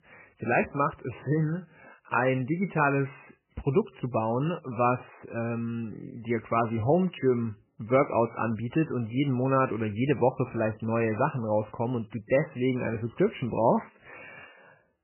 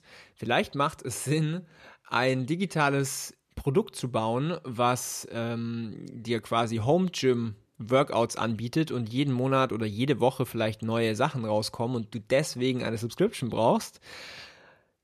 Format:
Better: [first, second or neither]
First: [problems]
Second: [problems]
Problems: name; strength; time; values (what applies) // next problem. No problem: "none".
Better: second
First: garbled, watery; badly; nothing above 3 kHz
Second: none